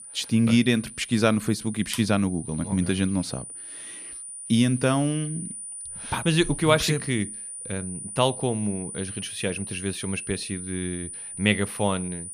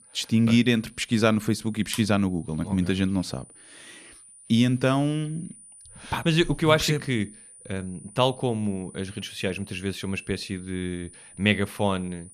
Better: second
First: high-pitched whine; loud; throughout; 9.5 kHz, 10 dB below the speech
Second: high-pitched whine; faint; throughout; 9.5 kHz, 20 dB below the speech

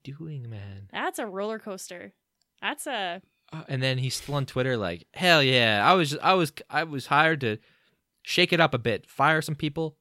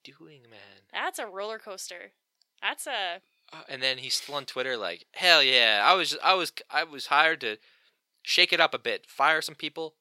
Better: first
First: none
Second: thin; very; fading below 500 Hz

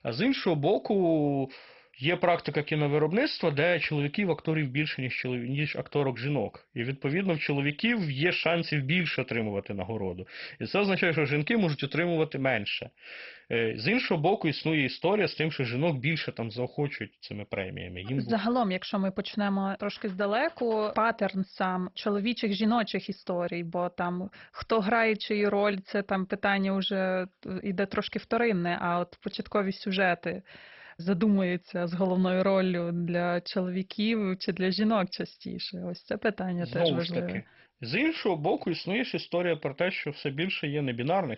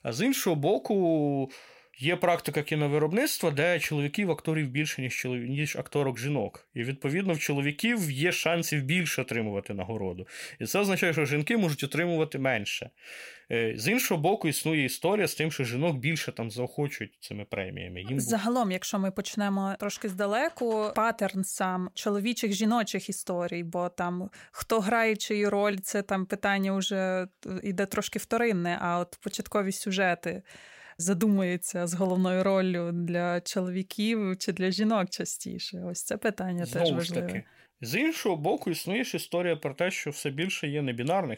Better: second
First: garbled, watery; badly; nothing above 5.5 kHz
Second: none

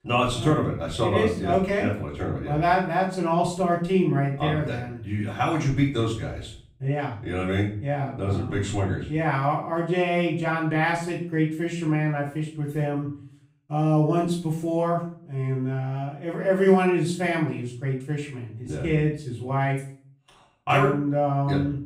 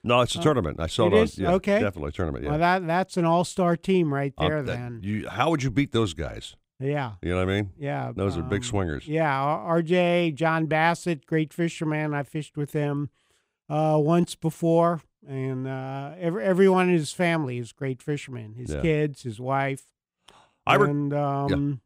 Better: second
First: room echo; slight; dies away in 0.4 s // off-mic speech; far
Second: none

